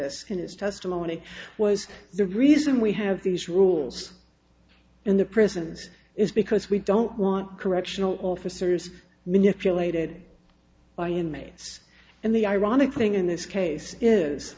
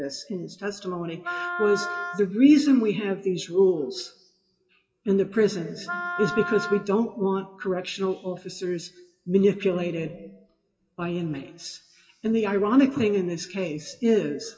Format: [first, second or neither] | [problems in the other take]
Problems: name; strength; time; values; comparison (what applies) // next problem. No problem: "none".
first | noise reduction (classical method WPE with log-MMSE)